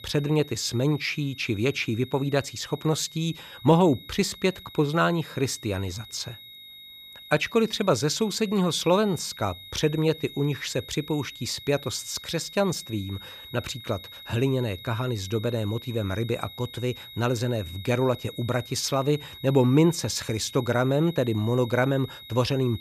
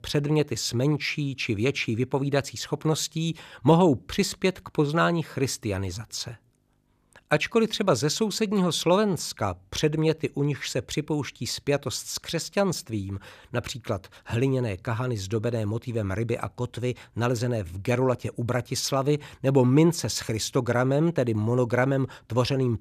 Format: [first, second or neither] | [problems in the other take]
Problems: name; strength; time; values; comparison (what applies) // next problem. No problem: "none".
second | high-pitched whine; noticeable; throughout; 4 kHz, 15 dB below the speech